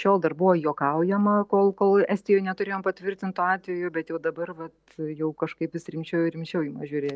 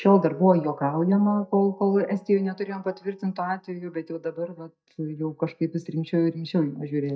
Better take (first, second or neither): first